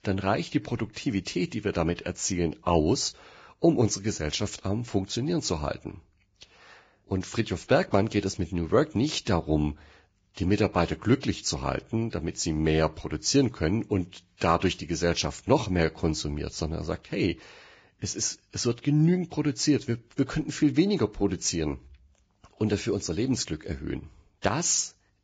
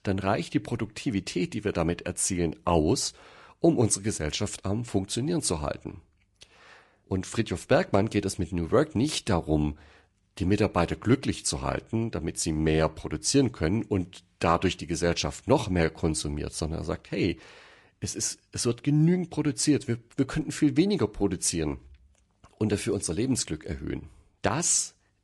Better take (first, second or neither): second